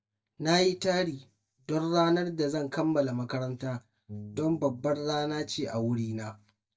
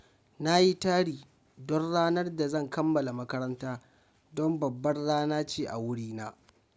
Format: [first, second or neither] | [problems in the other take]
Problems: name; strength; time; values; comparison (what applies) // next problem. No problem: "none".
second | noise reduction (neural mask model DeepFilterNet 3)